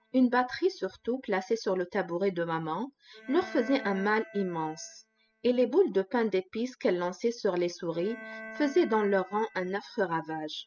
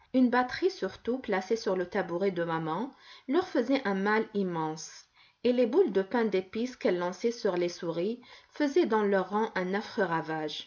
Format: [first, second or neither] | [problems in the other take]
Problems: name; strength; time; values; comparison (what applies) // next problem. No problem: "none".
second | noise reduction (classical method spectral subtraction)